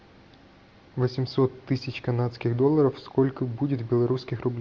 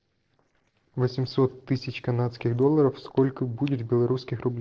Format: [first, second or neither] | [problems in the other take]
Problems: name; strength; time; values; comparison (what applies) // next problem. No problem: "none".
first | noise reduction (neural separator model SepFormer DNS4)